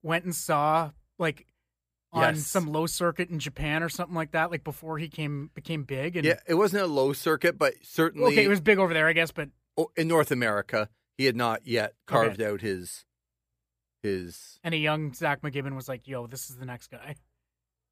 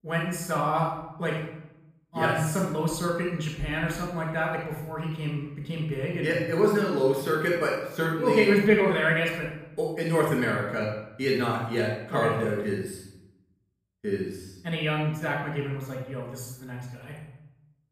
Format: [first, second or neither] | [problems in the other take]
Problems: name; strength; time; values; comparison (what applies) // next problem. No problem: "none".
first | off-mic speech; far // room echo; noticeable; dies away in 0.8 s